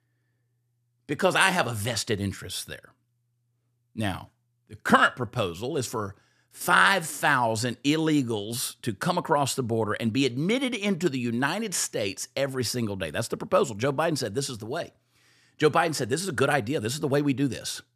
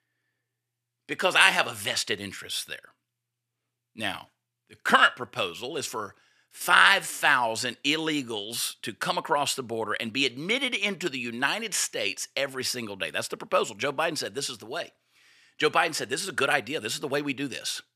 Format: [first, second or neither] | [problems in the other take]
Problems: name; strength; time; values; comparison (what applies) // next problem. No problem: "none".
first | thin; somewhat; fading below 1 kHz